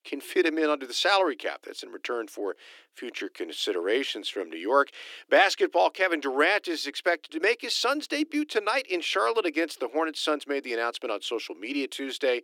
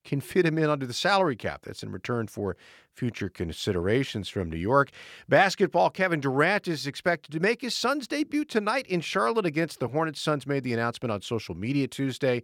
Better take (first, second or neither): second